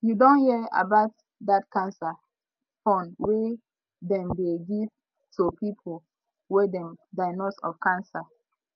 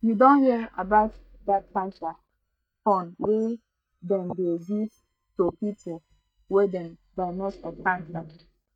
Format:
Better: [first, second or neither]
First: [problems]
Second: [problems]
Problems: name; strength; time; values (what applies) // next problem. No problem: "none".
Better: first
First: none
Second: noise reduction (neural mask model DeepFilterNet 3)